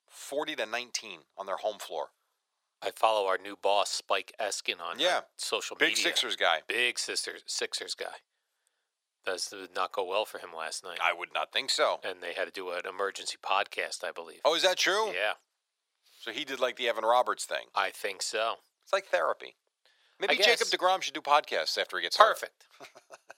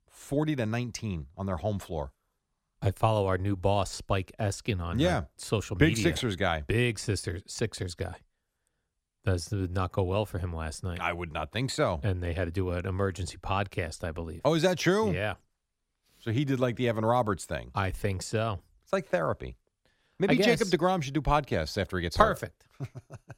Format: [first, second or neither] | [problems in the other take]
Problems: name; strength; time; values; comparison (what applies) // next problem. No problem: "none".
second | thin; very; fading below 550 Hz